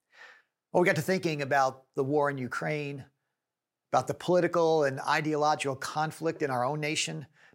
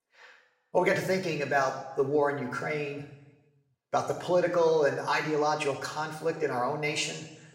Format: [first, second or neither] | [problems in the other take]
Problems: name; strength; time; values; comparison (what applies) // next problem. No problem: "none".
first | room echo; slight; dies away in 0.9 s // off-mic speech; somewhat distant